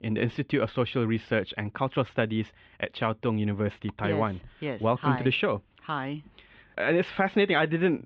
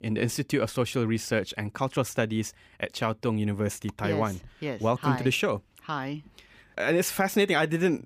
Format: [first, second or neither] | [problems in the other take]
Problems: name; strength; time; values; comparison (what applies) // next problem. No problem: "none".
second | muffled; very; fading above 3.5 kHz